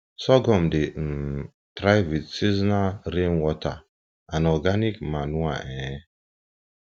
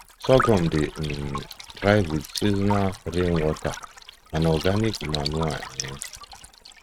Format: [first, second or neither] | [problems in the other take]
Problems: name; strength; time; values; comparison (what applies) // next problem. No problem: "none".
first | noise reduction (neural mask model RNNoise)